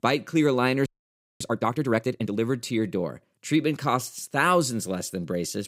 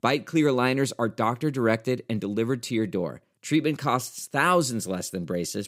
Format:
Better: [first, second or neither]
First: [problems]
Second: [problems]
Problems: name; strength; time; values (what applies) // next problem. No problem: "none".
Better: second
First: audio freezing; at 1 s for 0.5 s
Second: none